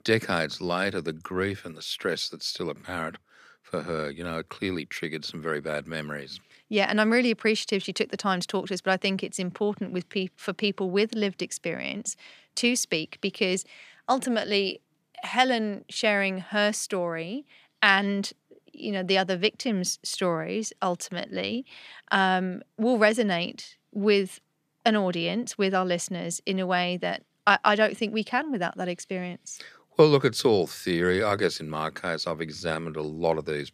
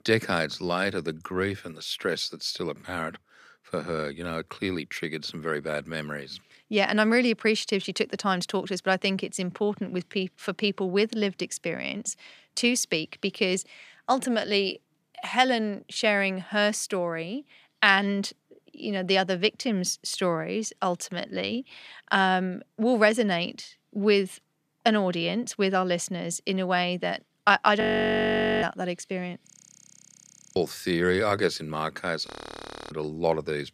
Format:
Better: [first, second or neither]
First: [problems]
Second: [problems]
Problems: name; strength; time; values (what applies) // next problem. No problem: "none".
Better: first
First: none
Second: audio freezing; at 28 s for 1 s, at 29 s for 1 s and at 32 s for 0.5 s